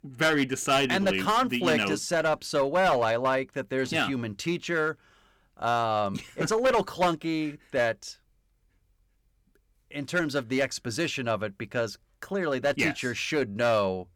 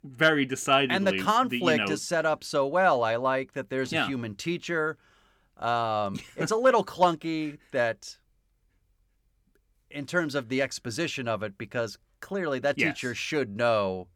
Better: second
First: distortion; slight; 5% of the sound clipped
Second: none

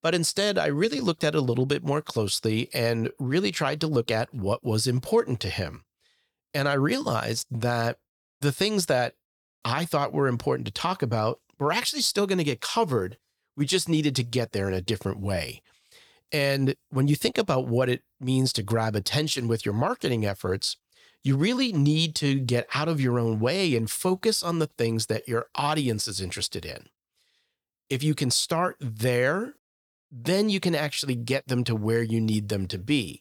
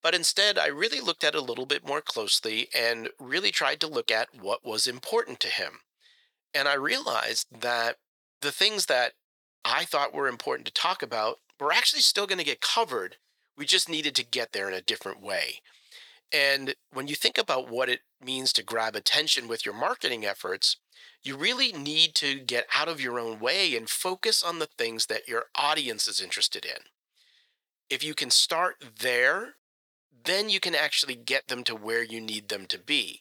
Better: first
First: none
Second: thin; very; fading below 550 Hz

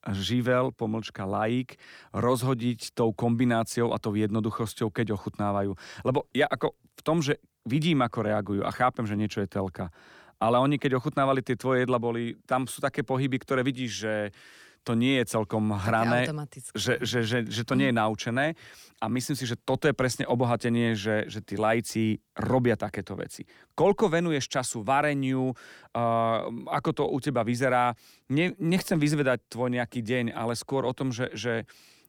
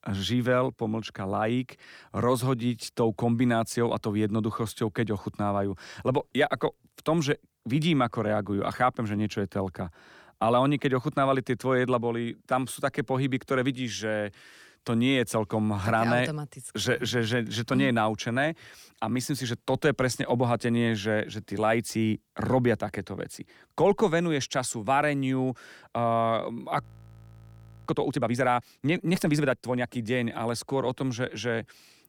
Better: first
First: none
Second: audio freezing; at 27 s for 1 s

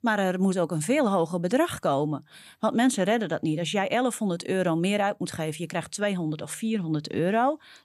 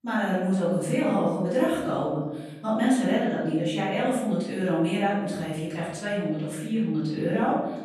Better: first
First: none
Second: room echo; noticeable; dies away in 1.1 s // off-mic speech; far

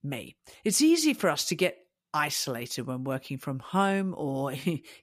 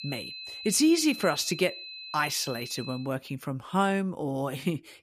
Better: first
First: none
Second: high-pitched whine; noticeable; until 3 s; 4 kHz, 10 dB below the speech

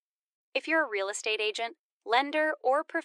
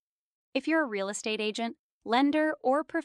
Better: second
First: thin; very; fading below 350 Hz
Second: none

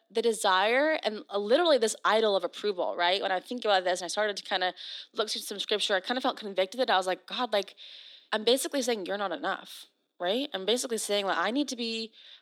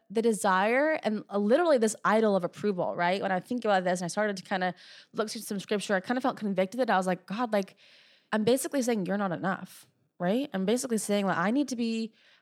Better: second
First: thin; very slightly; fading below 250 Hz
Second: none

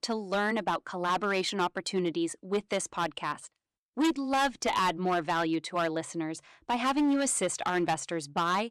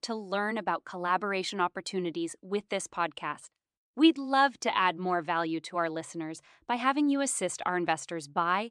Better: second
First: distortion; heavy; 8% of the sound clipped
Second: none

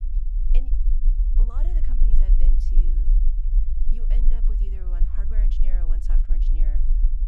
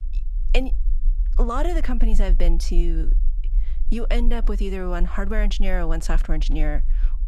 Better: second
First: low rumble; loud; throughout; as loud as the speech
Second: low rumble; faint; throughout; 20 dB below the speech

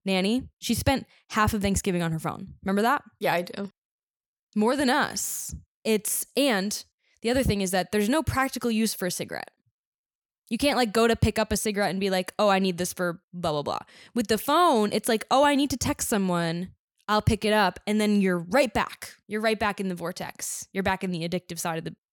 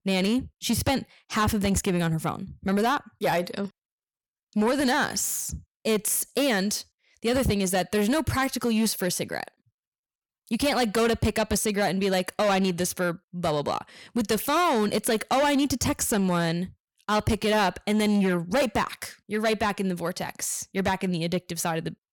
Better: first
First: none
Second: distortion; slight; 10 dB below the speech

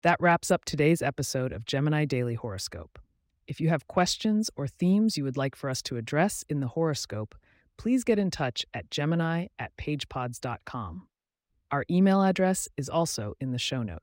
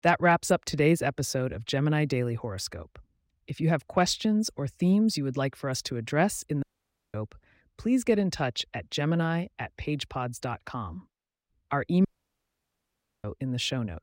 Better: first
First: none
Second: audio cutting out; at 6.5 s for 0.5 s and at 12 s for 1 s

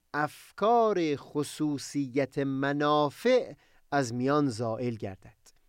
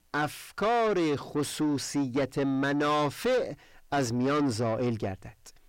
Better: first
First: none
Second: distortion; heavy; 7 dB below the speech

